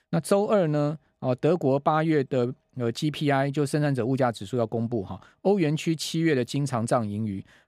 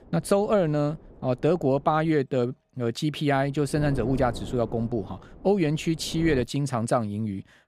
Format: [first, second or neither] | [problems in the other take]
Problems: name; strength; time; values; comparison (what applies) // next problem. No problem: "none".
first | wind noise on the microphone; occasional gusts; until 2 s and from 3.5 to 6.5 s; 20 dB below the speech